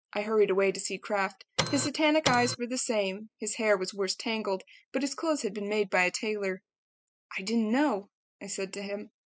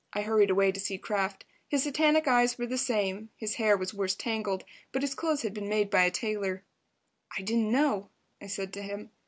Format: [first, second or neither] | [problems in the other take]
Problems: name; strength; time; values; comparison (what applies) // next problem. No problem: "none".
second | noise reduction (classical method spectral subtraction)